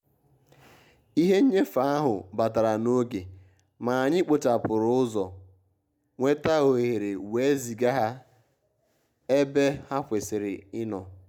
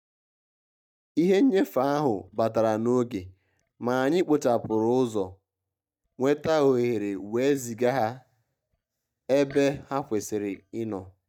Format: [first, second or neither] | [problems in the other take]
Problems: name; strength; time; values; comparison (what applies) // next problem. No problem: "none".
first | noise reduction (neural mask model DeepFilterNet 3)